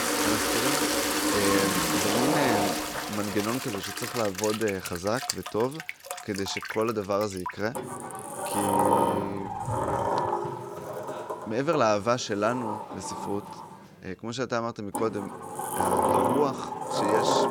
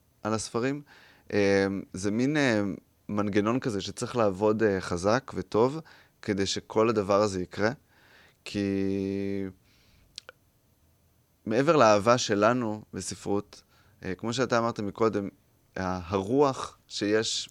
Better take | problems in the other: second | household noises; very loud; throughout; 2 dB above the speech

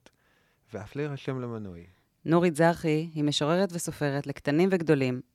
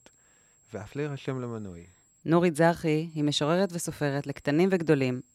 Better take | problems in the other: first | high-pitched whine; faint; until 2 s and from 3 s on; 7.5 kHz, 35 dB below the speech

